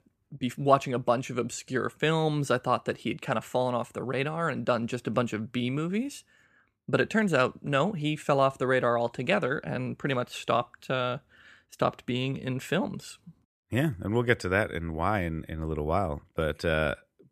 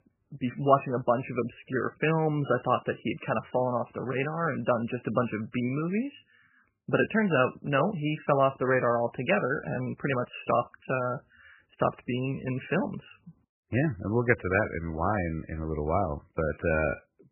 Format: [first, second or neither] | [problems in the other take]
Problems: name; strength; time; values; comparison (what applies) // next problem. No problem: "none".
first | garbled, watery; badly; nothing above 3 kHz